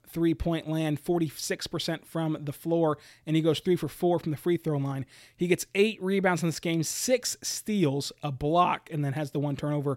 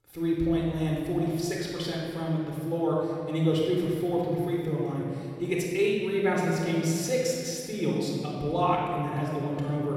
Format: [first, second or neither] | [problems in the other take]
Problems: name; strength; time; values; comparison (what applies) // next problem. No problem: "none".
first | room echo; strong; dies away in 2.3 s // off-mic speech; somewhat distant